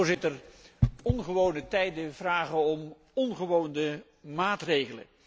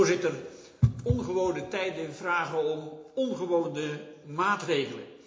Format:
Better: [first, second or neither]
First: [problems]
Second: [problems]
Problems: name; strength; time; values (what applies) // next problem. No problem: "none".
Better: first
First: none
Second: room echo; dies away in 0.8 s